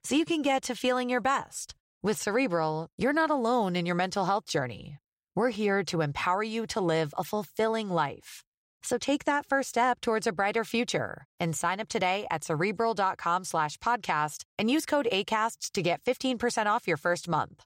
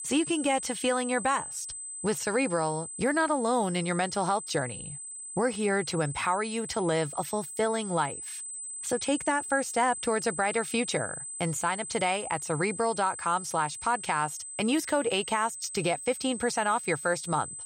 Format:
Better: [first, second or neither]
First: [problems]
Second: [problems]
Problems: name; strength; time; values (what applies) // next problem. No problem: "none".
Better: first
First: none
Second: high-pitched whine; loud; throughout; 8 kHz, 8 dB below the speech